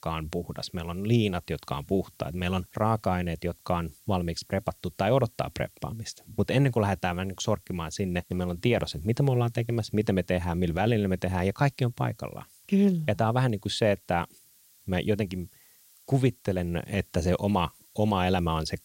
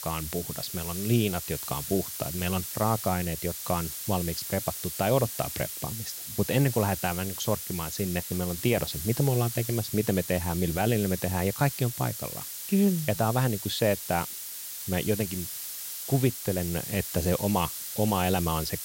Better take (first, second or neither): first